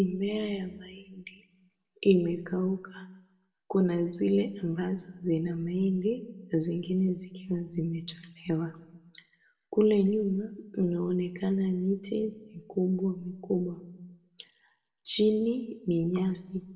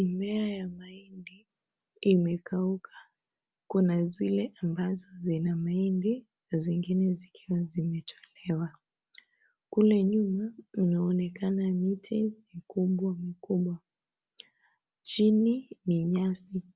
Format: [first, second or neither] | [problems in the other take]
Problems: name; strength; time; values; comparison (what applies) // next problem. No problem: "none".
second | room echo; dies away in 0.7 s